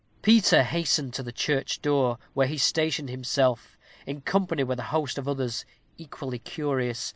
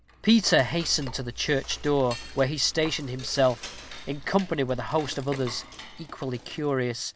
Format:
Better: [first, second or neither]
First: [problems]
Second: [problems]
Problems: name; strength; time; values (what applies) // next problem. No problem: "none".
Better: first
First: none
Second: background sound (Cutlery, silverware / Dishes, pots, and pans); 14 dB below the speech